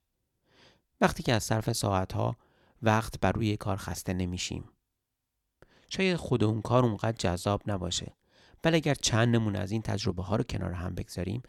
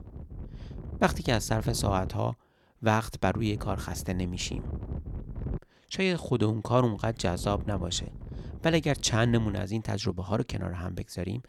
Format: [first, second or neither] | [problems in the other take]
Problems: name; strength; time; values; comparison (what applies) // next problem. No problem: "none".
first | wind noise on the microphone; occasional gusts; until 2 s, from 3.5 to 5.5 s and from 7 to 9.5 s; 20 dB below the speech